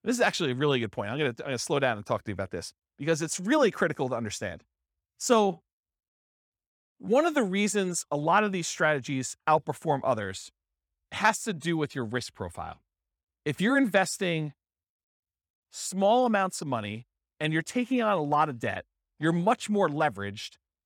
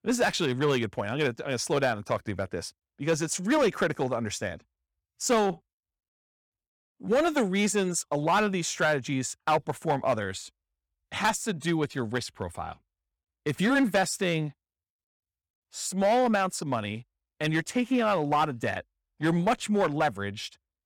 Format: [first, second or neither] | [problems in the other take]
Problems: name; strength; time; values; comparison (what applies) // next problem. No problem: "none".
first | distortion; slight; 3% of the sound clipped